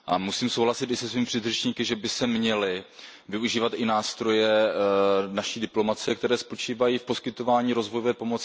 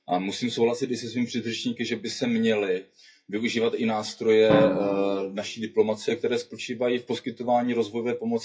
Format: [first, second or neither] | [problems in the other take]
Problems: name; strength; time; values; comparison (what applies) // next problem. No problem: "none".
first | noise reduction (classical method WPE with log-MMSE)